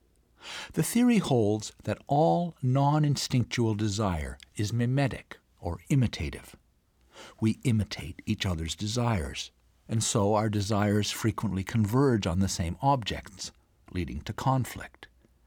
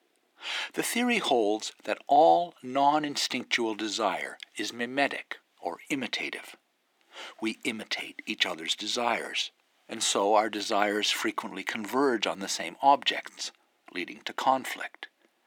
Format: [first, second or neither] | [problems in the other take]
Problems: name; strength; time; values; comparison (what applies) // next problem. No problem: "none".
first | thin; very; fading below 300 Hz